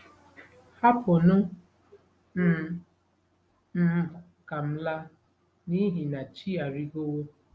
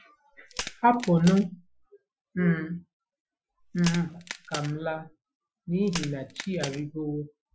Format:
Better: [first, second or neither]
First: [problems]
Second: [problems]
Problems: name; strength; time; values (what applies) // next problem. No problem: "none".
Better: first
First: none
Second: noise reduction (classical method Wiener filter)